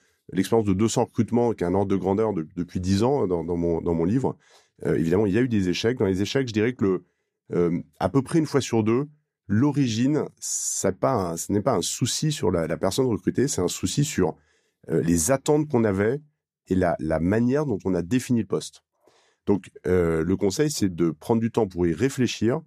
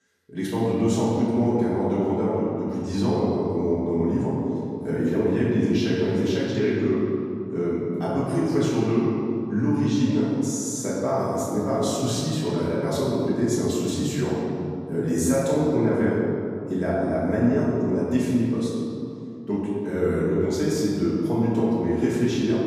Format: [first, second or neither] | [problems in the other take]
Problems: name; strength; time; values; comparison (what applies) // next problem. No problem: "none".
first | off-mic speech; far // room echo; strong; dies away in 2.4 s